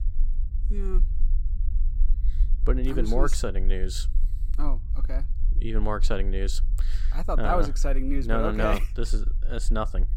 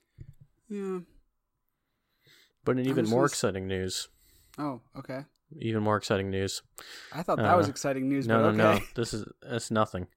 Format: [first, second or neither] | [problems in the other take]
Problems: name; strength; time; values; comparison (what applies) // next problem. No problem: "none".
second | low rumble; faint; throughout; 25 dB below the speech